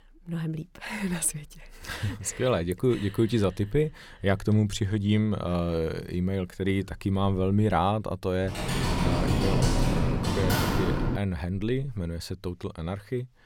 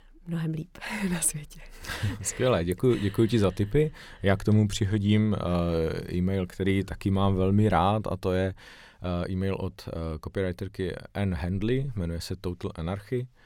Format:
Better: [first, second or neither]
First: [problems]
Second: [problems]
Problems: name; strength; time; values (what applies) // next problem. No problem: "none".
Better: second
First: keyboard typing; loud; from 8.5 to 11 s; peak 3 dB above the speech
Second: none